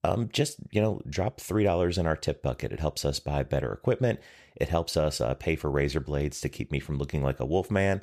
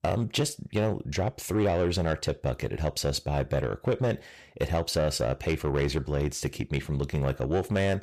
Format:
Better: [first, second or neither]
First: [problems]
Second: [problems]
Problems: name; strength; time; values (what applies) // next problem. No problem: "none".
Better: first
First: none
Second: distortion; slight; 10 dB below the speech